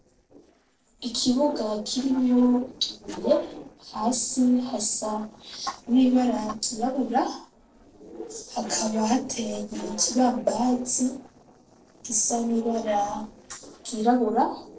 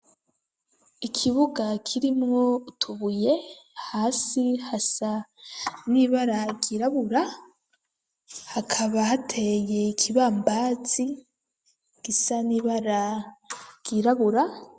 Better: second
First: noise reduction (neural separator model SepFormer DNS4)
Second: none

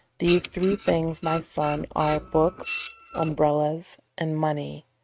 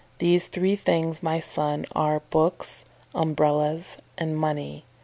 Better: second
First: noise reduction (neural mask model RNNoise)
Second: none

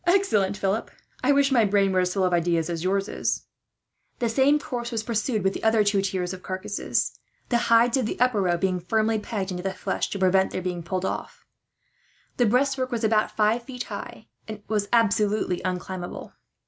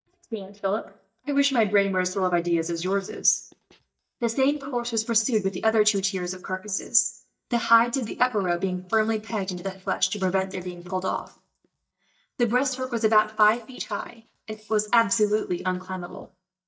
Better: first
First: none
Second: noise reduction (neural mask model DeepFilterNet 3)

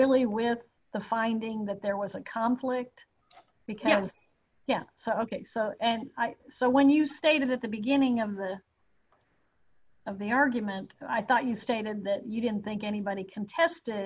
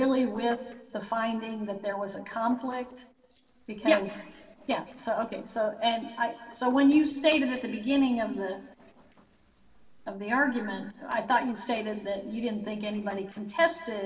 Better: first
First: none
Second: noise reduction (neural separator model SepFormer DNS4)

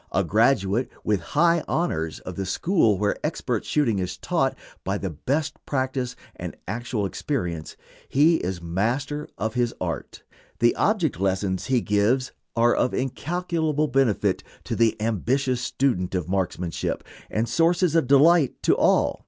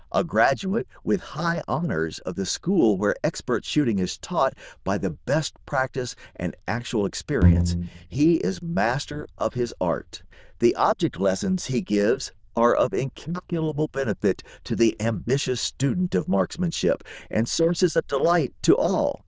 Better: first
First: none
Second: noise reduction (neural diffusion model UNIVERSE++)

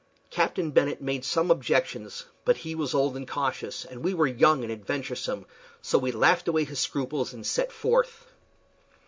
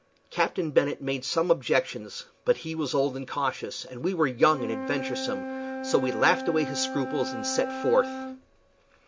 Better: first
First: none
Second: background sound (Wind instrument, woodwind instrument); 10 dB below the speech

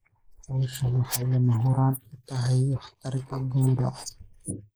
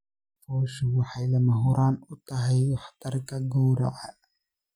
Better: second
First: noise reduction (neural mask model Resemble Enhance denoiser)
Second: none

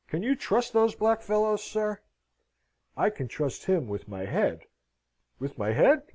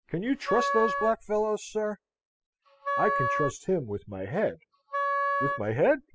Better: first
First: none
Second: noise reduction (classical method spectral subtraction)

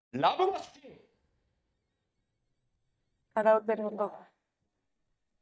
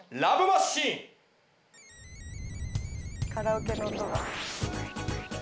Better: second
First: noise reduction (neural mask model DeepFilterNet 3)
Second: none

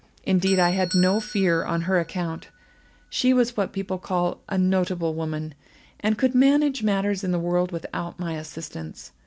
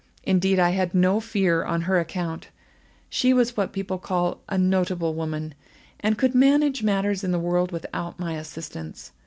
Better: second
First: background sound (Doorbell); 19 dB below the speech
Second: none

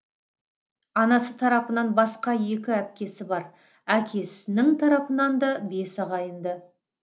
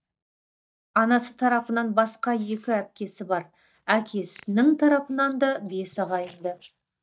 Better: first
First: none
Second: noise reduction (neural mask model DeepFilterNet 3)

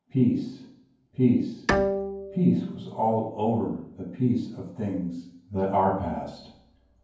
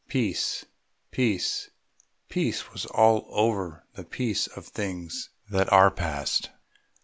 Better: second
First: background sound (Bowed string instrument); 6 dB below the speech // room echo; dies away in 0.9 s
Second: none

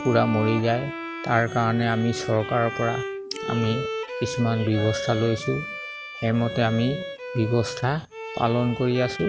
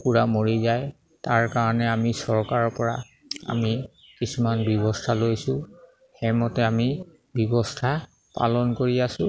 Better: second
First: background sound (Bowed string instrument); 8 dB below the speech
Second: none

